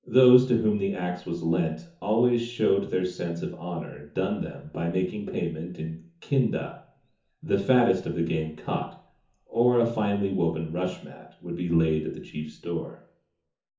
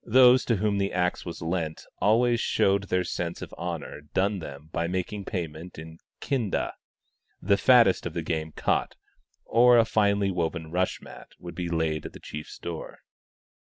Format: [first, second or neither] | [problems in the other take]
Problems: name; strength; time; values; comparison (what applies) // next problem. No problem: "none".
second | room echo; dies away in 0.6 s